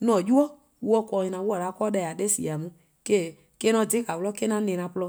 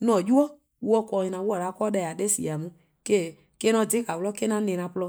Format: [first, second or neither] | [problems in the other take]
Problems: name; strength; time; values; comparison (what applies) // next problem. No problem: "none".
first | noise reduction (neural mask model Resemble Enhance denoiser)